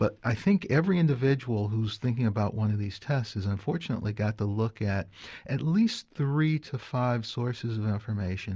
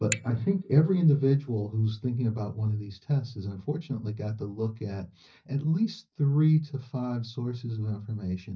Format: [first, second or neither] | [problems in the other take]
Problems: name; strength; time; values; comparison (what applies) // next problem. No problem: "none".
first | noise reduction (neural mask model DeepFilterNet 3)